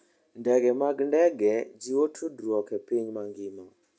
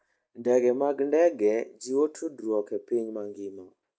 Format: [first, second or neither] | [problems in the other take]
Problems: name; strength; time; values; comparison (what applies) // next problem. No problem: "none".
first | noise reduction (neural mask model Resemble Enhance denoiser)